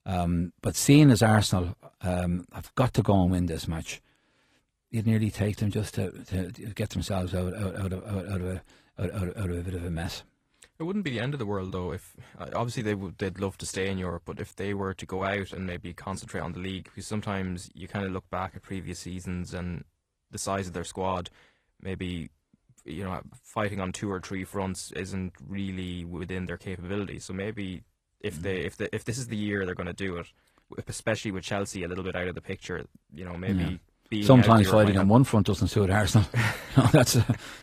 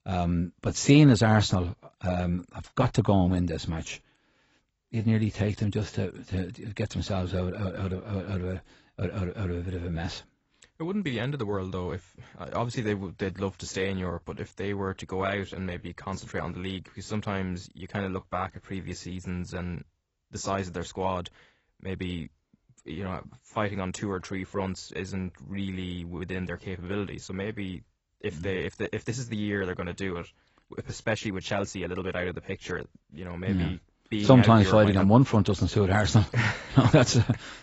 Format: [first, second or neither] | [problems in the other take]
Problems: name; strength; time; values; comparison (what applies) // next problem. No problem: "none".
first | garbled, watery; badly; nothing above 8 kHz; slightly in the first